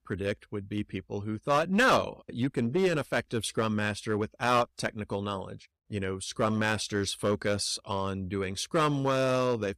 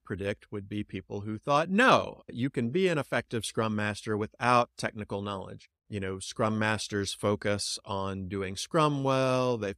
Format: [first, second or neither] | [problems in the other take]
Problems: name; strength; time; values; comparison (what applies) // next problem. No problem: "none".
second | distortion; slight; 4% of the sound clipped